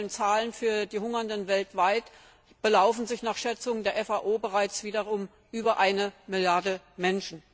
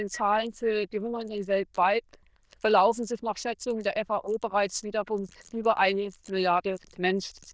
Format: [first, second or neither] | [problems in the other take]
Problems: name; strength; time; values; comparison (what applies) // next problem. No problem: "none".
first | noise reduction (neural diffusion model UNIVERSE++)